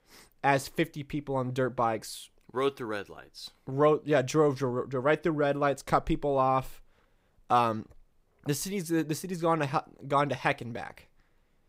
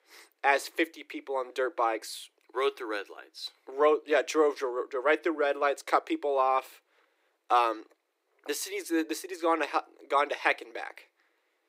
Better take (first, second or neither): first